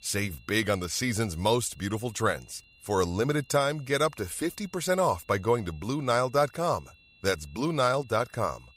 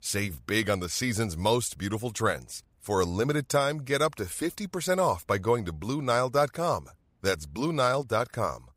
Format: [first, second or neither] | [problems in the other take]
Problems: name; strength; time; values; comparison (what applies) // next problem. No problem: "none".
second | high-pitched whine; faint; throughout; 2.5 kHz, 30 dB below the speech